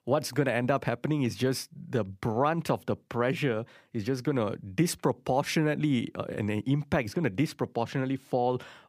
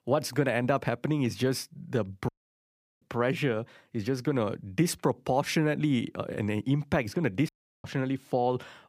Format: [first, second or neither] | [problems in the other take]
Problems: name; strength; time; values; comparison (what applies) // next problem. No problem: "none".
first | audio cutting out; at 2.5 s for 0.5 s and at 7.5 s